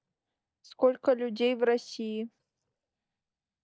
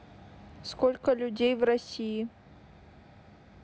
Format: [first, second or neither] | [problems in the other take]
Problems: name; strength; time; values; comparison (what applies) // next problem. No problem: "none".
second | noise reduction (neural mask model DeepFilterNet 3)